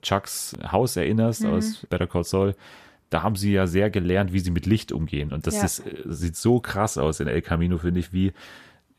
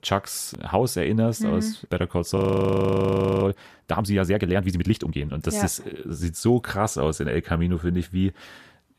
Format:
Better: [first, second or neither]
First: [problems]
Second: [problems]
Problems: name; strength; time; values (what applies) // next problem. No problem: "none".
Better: first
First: none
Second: audio freezing; at 2.5 s for 1 s